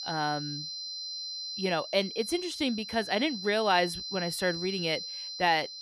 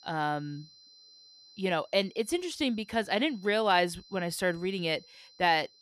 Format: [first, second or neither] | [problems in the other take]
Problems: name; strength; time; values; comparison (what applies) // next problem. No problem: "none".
second | high-pitched whine; loud; throughout; 4 kHz, 7 dB below the speech; faint in the second